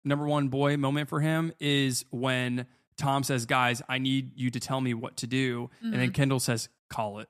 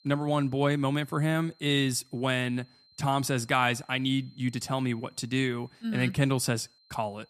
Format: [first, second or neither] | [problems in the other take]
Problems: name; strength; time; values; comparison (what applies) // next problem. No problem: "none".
first | high-pitched whine; faint; throughout; 4 kHz, 30 dB below the speech